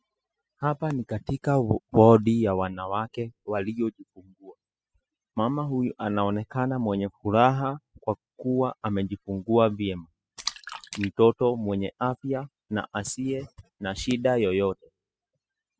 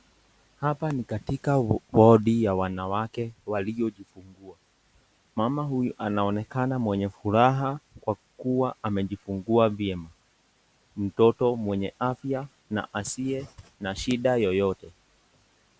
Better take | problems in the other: second | noise reduction (classical method spectral subtraction)

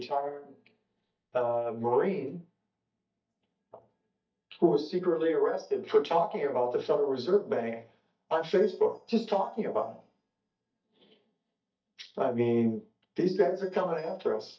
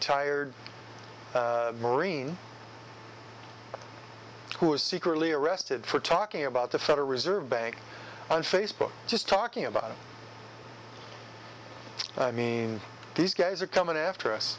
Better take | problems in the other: second | noise reduction (neural mask model DeepFilterNet 3)

